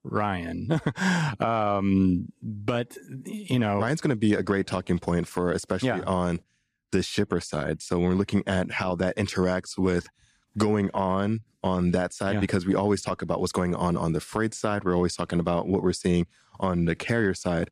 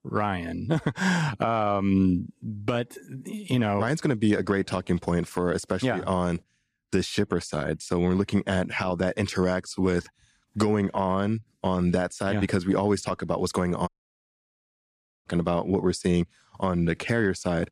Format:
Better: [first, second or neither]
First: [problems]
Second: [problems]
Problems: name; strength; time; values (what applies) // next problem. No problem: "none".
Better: first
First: none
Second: audio cutting out; at 14 s for 1.5 s